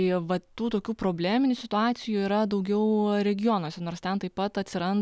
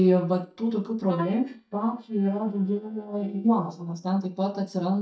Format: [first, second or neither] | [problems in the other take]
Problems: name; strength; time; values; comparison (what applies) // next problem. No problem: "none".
first | noise reduction (neural mask model DeepFilterNet 3)